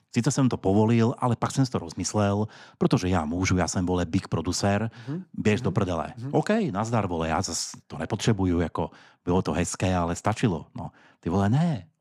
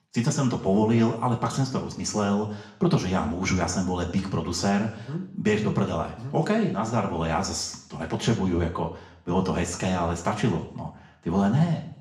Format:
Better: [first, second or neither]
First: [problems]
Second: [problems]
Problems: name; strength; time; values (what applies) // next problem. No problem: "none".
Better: first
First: none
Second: room echo; slight; dies away in 0.6 s // off-mic speech; somewhat distant